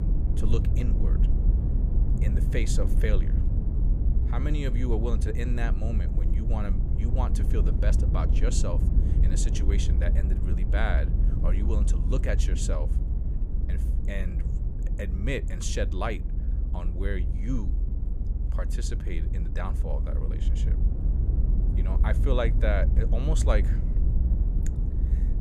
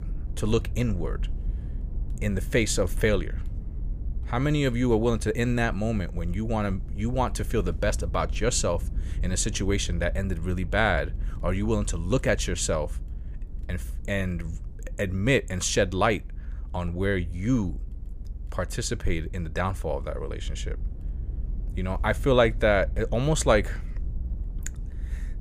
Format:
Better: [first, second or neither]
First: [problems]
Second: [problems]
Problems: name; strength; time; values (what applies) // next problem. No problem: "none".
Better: second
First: low rumble; loud; throughout; 7 dB below the speech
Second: low rumble; faint; throughout; 25 dB below the speech